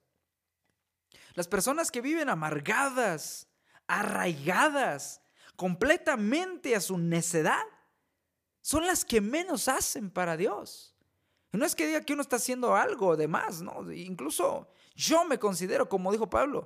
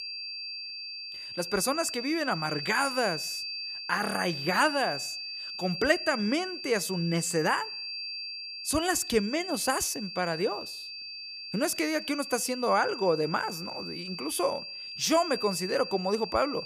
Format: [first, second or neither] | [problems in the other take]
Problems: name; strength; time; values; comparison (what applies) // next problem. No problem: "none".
first | high-pitched whine; loud; throughout; 4.5 kHz, 7 dB below the speech